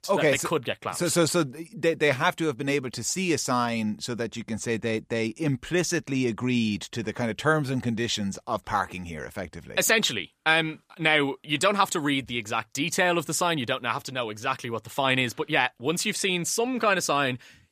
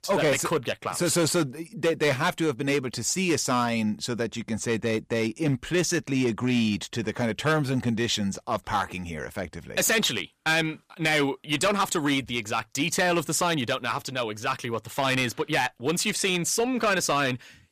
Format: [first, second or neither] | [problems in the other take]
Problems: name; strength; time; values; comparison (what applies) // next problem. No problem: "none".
first | distortion; slight; 6% of the sound clipped